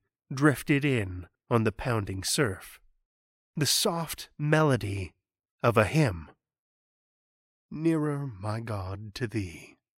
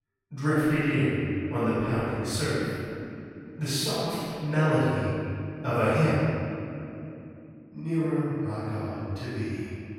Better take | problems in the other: first | off-mic speech; far // room echo; strong; dies away in 2.9 s

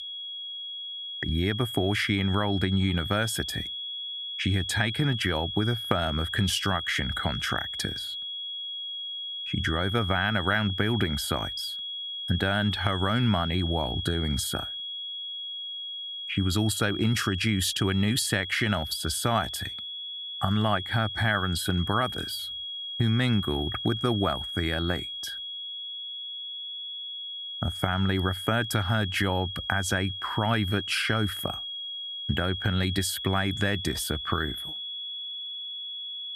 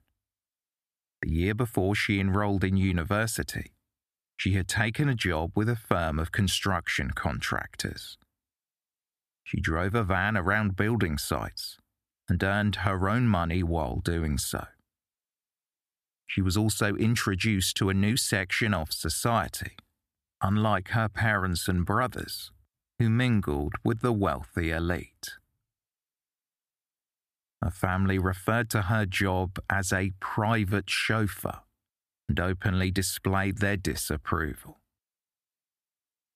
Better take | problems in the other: second | high-pitched whine; loud; throughout; 3.5 kHz, 5 dB below the speech

